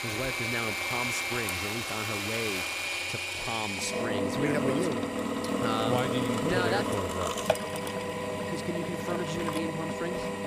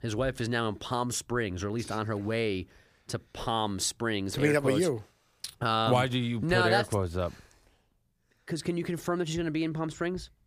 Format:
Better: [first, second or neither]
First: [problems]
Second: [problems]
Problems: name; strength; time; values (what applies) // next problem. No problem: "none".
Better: second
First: machinery noise; very loud; throughout; 3 dB above the speech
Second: none